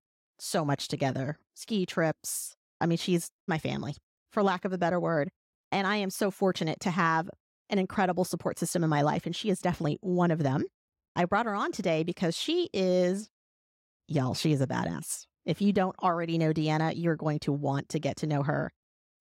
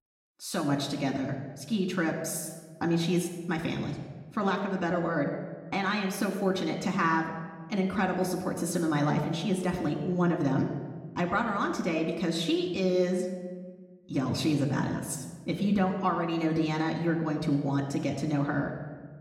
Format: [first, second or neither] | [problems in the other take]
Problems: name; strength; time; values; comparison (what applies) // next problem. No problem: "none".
first | room echo; slight; dies away in 1.1 s // off-mic speech; somewhat distant